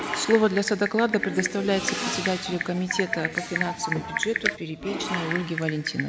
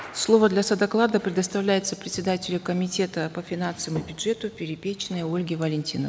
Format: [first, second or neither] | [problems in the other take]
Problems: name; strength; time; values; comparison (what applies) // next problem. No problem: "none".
second | background sound (Typing); 4 dB below the speech